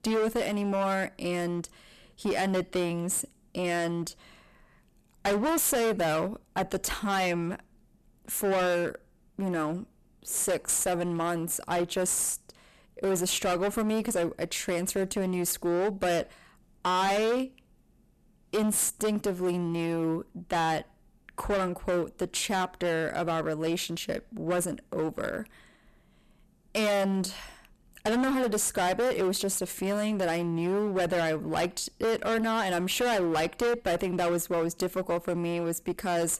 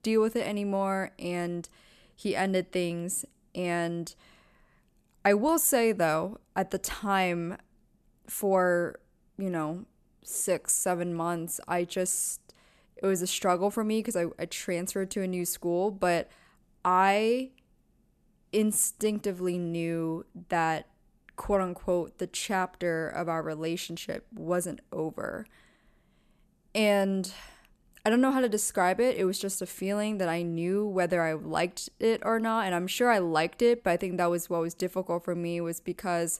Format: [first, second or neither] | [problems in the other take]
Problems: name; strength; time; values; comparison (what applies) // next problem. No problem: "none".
second | distortion; heavy; 17% of the sound clipped